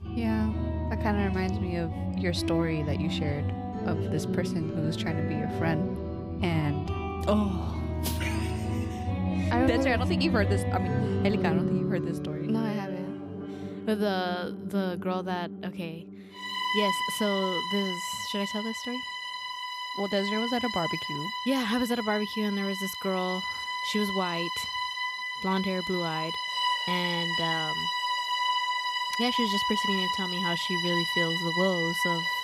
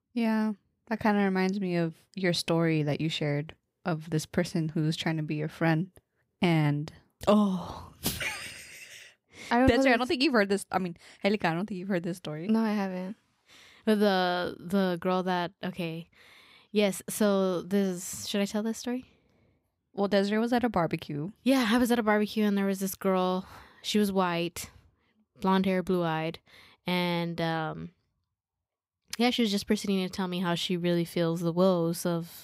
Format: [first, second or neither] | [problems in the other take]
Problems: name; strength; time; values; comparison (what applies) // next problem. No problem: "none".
second | background music; very loud; throughout; 1 dB above the speech